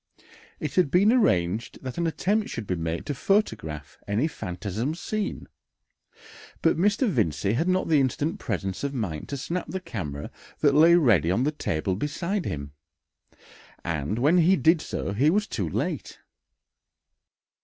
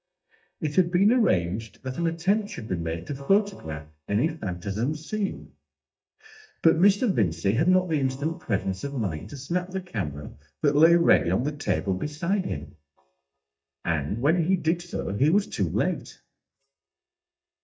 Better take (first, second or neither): first